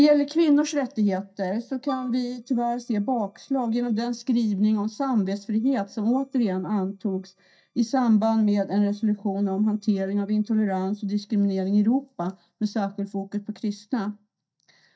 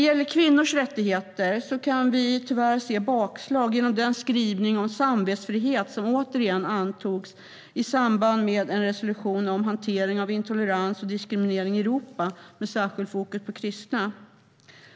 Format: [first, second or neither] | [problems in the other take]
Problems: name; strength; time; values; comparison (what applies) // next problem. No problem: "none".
second | noise reduction (neural mask model DeepFilterNet 3)